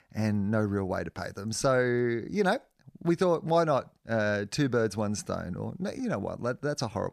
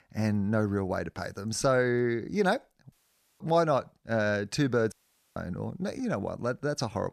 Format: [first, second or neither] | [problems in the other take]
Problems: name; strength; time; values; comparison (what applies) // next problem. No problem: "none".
first | audio cutting out; at 3 s and at 5 s